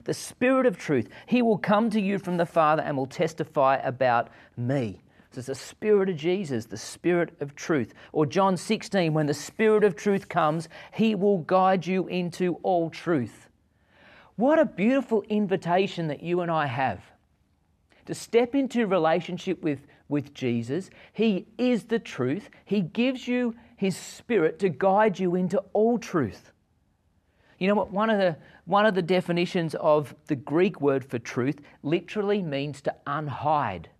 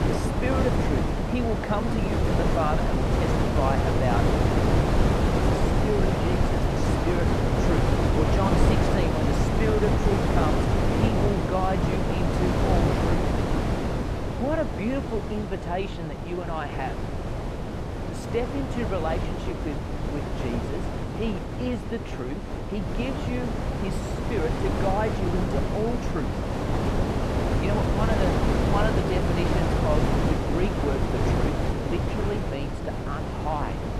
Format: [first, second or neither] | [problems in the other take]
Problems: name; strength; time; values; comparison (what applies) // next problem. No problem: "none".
first | wind noise on the microphone; heavy; 2 dB above the speech